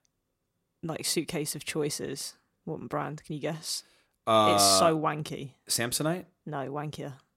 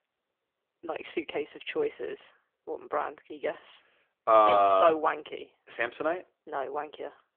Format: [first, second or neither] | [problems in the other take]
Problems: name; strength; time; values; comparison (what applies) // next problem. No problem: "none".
first | phone-call audio; poor line; nothing above 3.5 kHz